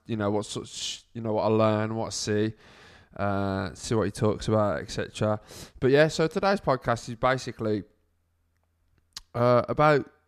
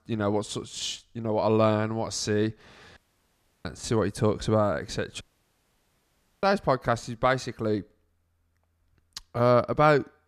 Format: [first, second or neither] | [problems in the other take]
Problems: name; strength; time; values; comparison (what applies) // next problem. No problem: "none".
first | audio cutting out; at 3 s for 0.5 s and at 5 s for 1 s